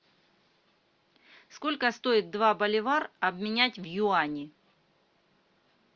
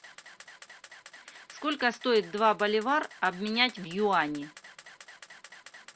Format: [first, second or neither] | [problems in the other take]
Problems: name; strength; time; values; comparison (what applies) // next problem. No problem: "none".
first | background sound (Camera); 20 dB below the speech